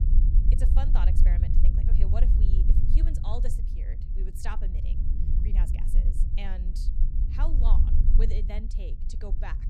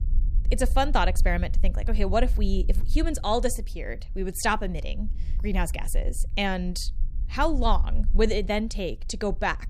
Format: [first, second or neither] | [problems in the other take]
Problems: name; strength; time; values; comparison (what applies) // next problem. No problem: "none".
second | low rumble; loud; throughout; 3 dB below the speech; faint in the second